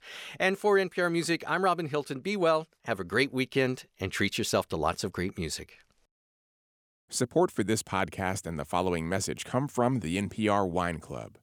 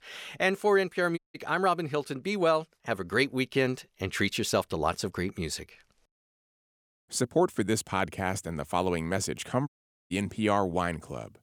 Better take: first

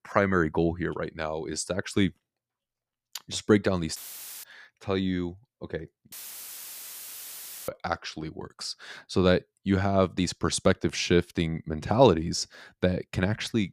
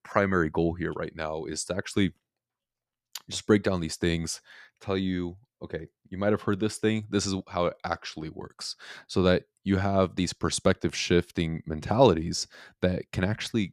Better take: second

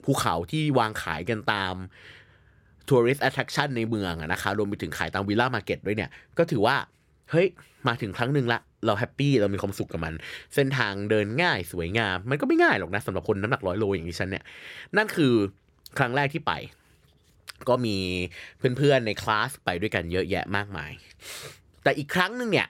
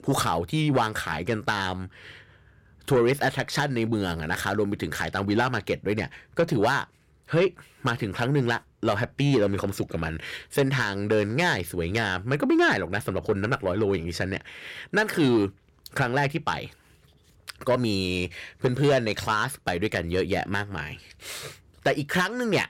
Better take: first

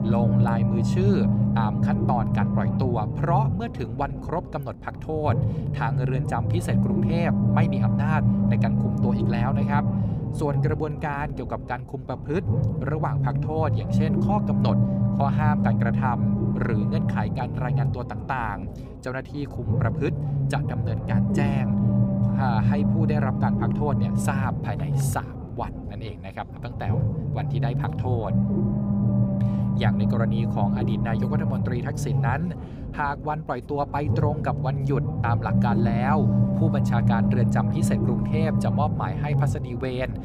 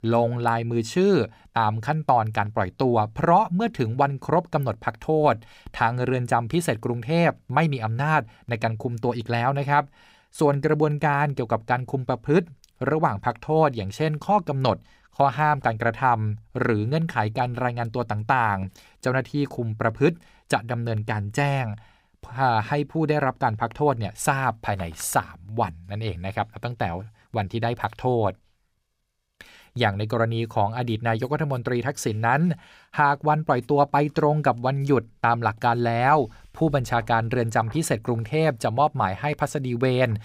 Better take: second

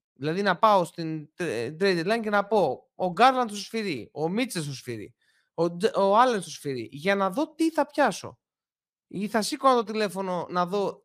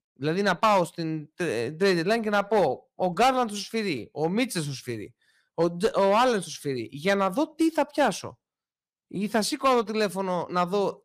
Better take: first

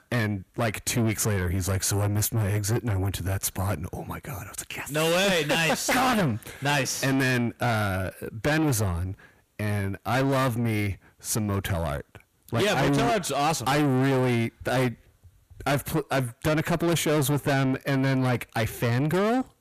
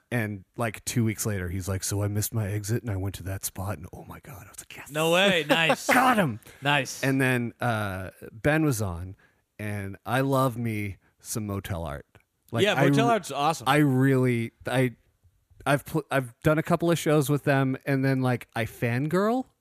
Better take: second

